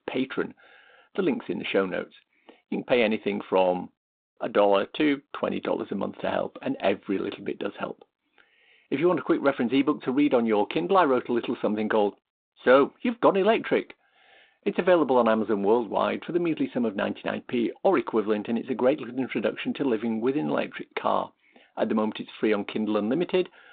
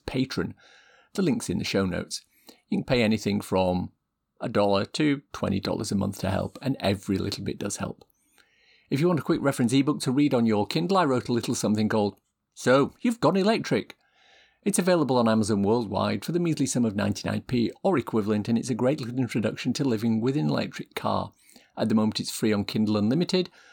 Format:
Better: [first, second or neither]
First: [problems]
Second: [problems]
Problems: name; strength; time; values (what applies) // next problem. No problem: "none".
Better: second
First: phone-call audio; nothing above 4 kHz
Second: none